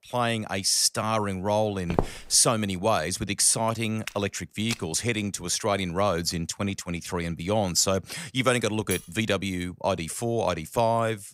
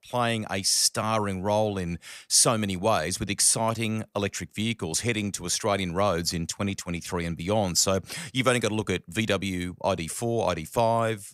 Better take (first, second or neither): second